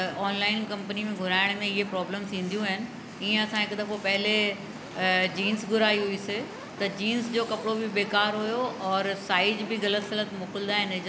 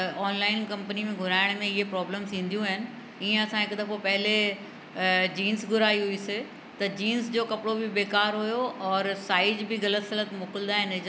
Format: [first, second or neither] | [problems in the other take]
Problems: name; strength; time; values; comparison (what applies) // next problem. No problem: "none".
second | background sound (Fire); 14 dB below the speech